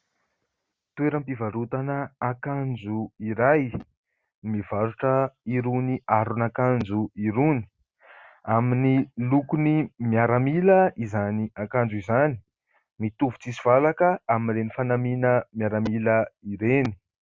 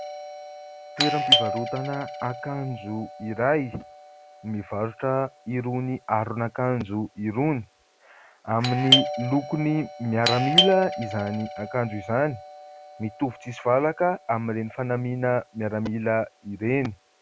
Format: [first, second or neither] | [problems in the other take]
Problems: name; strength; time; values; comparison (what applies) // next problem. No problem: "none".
first | background sound (Doorbell); 4 dB below the speech